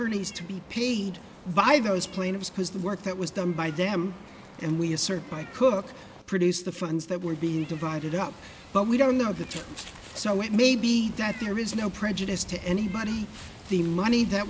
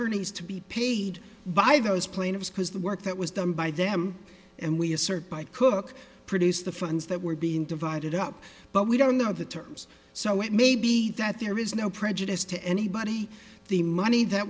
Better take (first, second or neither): second